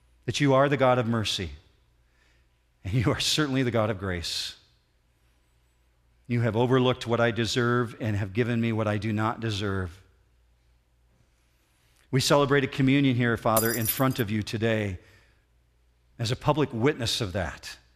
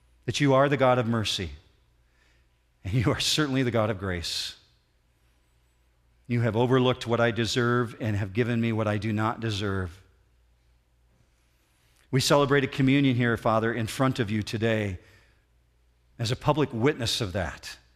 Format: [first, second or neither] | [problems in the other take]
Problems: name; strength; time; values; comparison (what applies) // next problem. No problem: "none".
second | jangling keys; noticeable; at 14 s; peak 1 dB below the speech